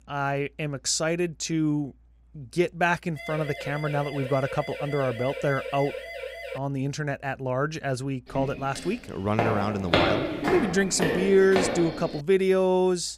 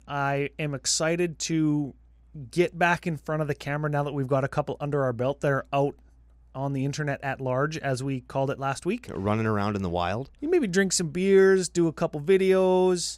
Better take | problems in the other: second | siren; noticeable; from 3 to 6.5 s; peak 9 dB below the speech // footsteps; loud; from 8.5 to 12 s; peak 3 dB above the speech

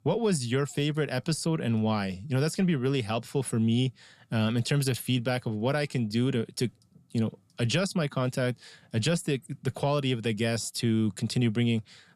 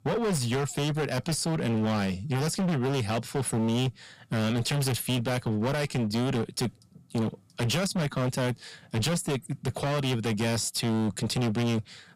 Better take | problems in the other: first | distortion; heavy; 29% of the sound clipped

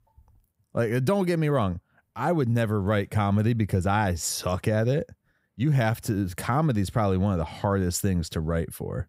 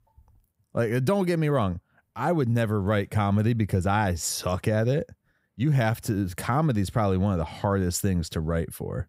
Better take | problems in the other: neither | none

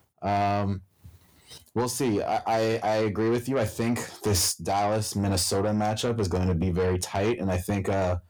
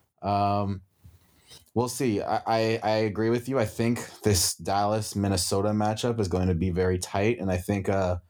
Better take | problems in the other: second | distortion; slight; 10 dB below the speech

